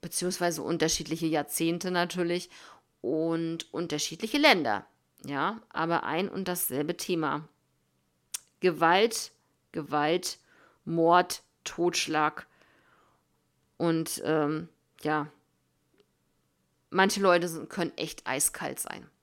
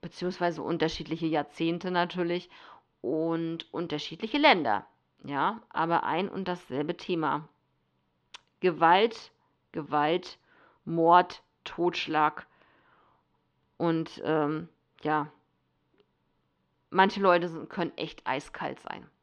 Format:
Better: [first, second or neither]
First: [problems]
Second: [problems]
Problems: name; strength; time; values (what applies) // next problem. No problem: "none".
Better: first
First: none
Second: muffled; slightly; fading above 3.5 kHz